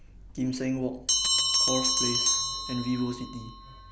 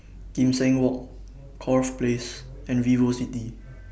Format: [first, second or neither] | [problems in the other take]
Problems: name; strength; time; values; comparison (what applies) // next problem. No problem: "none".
second | background sound (Bell); 4 dB above the speech